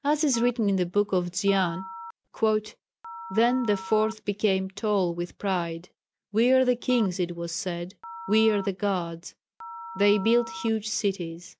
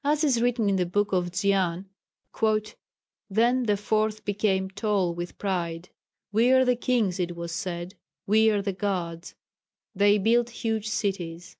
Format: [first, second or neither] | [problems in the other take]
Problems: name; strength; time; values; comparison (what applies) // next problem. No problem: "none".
second | background sound (Telephone); 15 dB below the speech